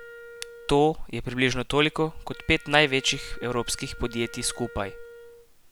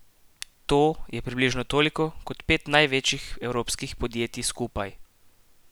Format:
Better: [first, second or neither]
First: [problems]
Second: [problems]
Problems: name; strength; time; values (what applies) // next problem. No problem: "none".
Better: second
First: background sound (Wind instrument, woodwind instrument); 20 dB below the speech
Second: none